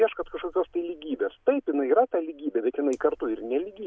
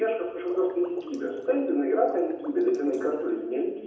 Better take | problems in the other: first | background sound (Water / Liquid); 19 dB below the speech // room echo; dies away in 0.8 s

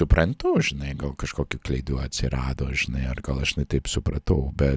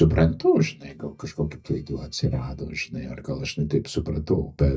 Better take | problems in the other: first | noise reduction (neural mask model DeepFilterNet 3)

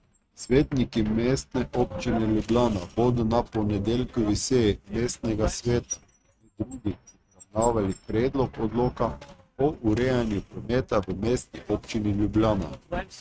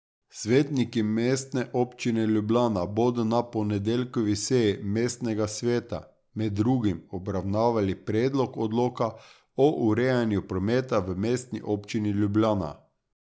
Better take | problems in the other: second | noise reduction (neural mask model RNNoise)

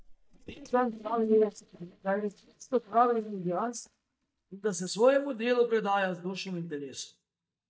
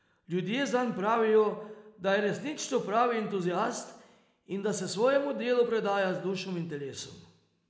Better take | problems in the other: second | noise reduction (neural mask model DeepFilterNet 3)

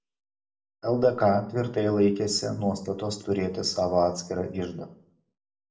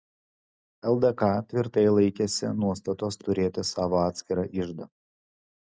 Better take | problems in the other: second | room echo; dies away in 0.4 s

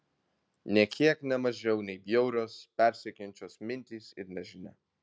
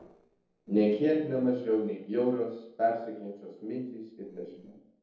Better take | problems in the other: first | noise reduction (neural separator model SepFormer DNS4)

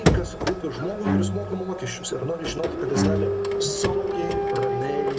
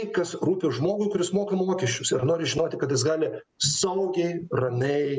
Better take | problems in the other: second | background sound (Bowed string instrument + Printer); 4 dB above the speech

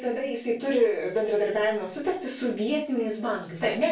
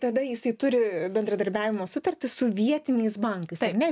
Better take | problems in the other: second | room echo; dies away in 0.3 s

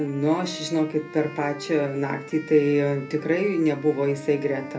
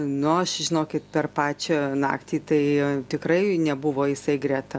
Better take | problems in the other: second | background sound (Wind instrument, woodwind instrument); 16 dB below the speech // room echo; dies away in 0.3 s

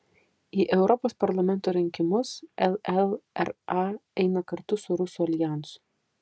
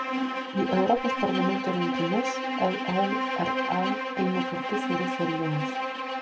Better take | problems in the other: first | background sound (Bowed string instrument); as loud as the speech // room echo; dies away in 0.2 s

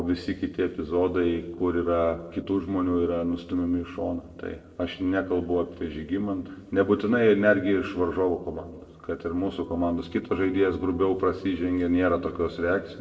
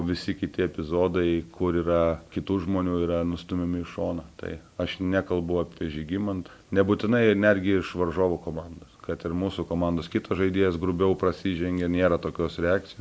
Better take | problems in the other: second | noise reduction (neural separator model SepFormer DNS4)

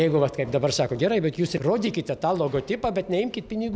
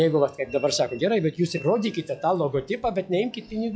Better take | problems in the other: first | noise reduction (classical method log-MMSE)

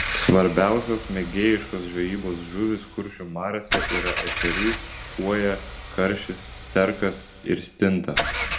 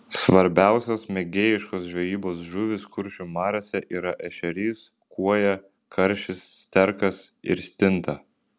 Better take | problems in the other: second | background sound (Engine / Car); 7 dB below the speech // room echo; dies away in 1.3 s

